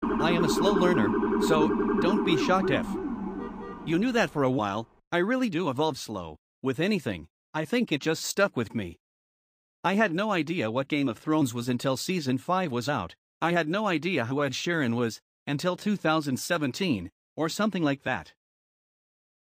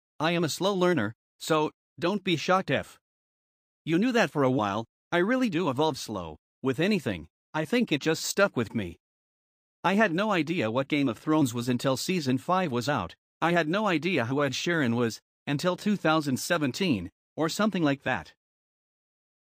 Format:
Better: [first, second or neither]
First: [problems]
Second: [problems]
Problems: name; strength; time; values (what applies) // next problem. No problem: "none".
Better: second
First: siren; loud; until 4 s; peak 3 dB above the speech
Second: none